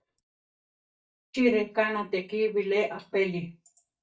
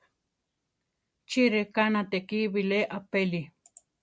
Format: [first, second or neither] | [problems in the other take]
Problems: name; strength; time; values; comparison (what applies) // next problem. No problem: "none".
second | noise reduction (neural mask model DeepFilterNet 3)